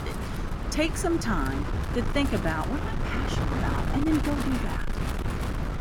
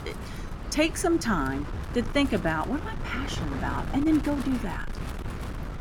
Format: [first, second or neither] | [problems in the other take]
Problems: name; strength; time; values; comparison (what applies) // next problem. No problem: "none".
second | wind noise on the microphone; heavy; 3 dB below the speech; occasional gusts in the second